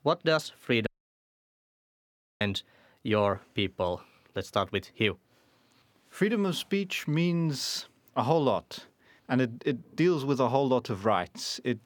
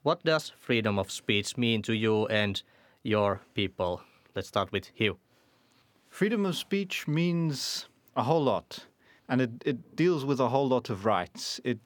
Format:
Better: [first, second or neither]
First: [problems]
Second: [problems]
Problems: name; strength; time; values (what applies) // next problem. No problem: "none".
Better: second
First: audio cutting out; at 1 s for 1.5 s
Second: none